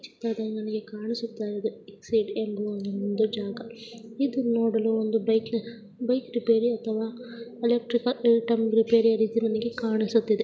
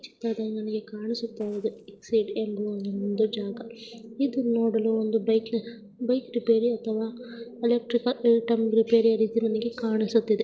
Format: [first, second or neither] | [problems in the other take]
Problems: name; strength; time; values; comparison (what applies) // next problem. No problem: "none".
first | noise reduction (neural separator model SepFormer DNS4)